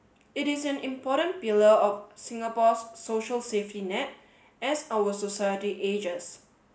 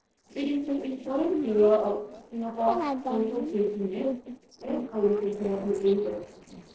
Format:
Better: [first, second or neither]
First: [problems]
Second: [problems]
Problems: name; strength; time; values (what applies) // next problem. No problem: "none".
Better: first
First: none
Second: noise reduction (neural separator model SepFormer DNS4)